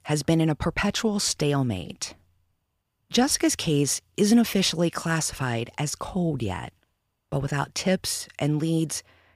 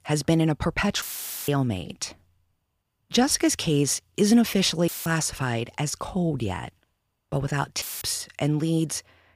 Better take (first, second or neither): first